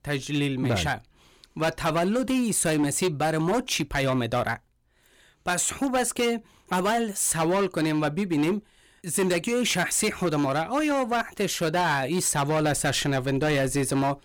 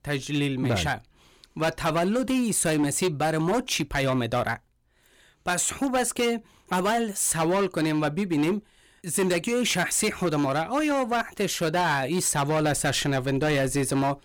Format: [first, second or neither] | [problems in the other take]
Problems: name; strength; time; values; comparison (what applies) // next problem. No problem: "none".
neither | distortion; slight; 12% of the sound clipped; the same in both